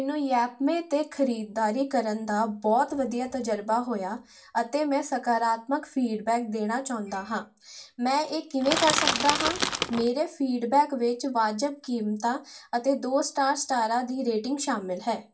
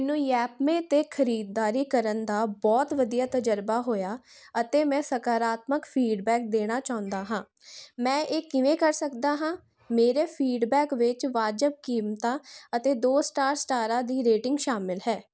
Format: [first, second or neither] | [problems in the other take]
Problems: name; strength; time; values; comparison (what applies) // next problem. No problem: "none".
second | background sound (Crushing); as loud as the speech // room echo; dies away in 0.2 s